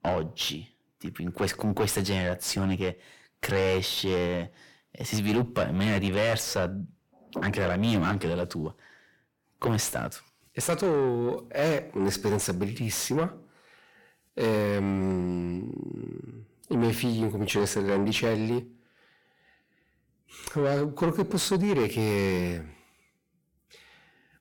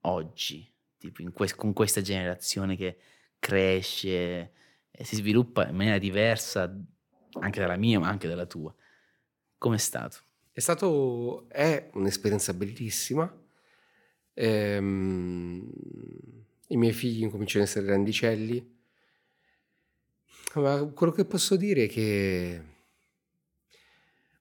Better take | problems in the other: second | distortion; heavy; 7 dB below the speech

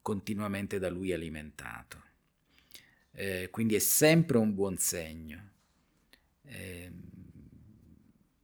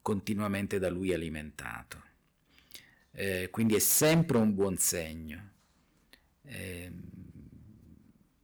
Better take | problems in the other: first | distortion; slight; 2% of the sound clipped

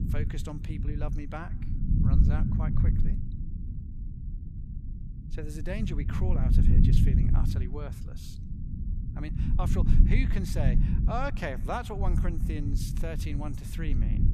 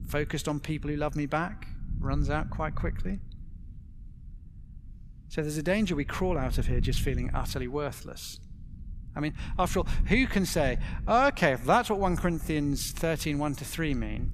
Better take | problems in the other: second | low rumble; loud; throughout; 3 dB below the speech; faint in the second

